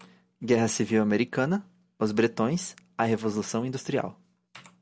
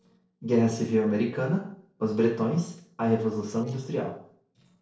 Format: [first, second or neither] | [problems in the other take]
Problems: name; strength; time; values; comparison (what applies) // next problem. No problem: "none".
first | noise reduction (neural separator model SepFormer DNS4)